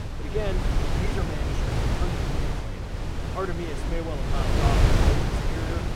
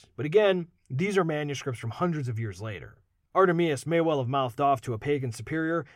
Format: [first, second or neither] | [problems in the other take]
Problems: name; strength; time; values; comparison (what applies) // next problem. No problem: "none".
second | wind noise on the microphone; heavy; 4 dB above the speech